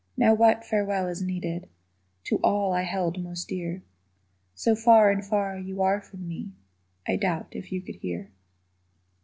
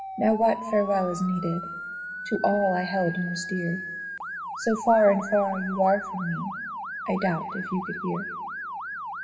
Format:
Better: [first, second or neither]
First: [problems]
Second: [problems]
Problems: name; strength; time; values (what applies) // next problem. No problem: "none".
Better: first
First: none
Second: background sound (Motor vehicle (road) / Siren); 8 dB below the speech // room echo; dies away in 2.4 s